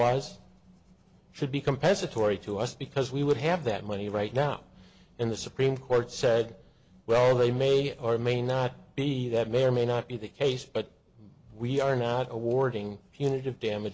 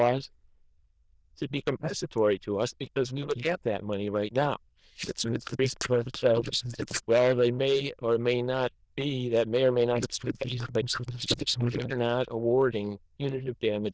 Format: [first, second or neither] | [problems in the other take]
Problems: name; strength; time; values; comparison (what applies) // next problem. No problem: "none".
first | noise reduction (neural diffusion model UNIVERSE++)